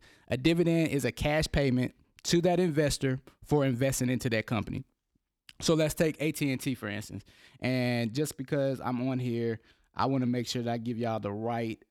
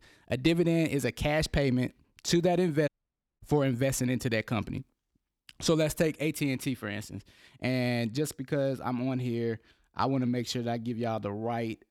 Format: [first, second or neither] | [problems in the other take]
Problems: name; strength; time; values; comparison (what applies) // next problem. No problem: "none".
first | audio cutting out; at 3 s for 0.5 s